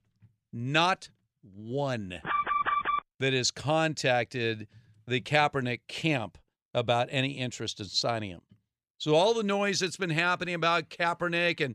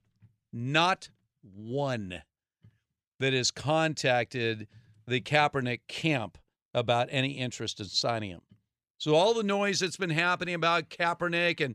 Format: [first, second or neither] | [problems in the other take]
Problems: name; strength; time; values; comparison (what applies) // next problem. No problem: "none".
second | alarm; loud; at 2.5 s; peak 1 dB above the speech